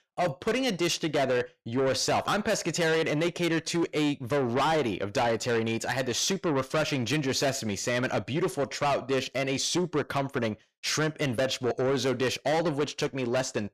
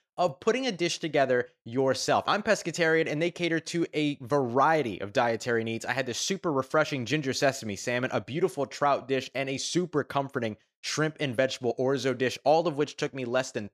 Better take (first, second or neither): second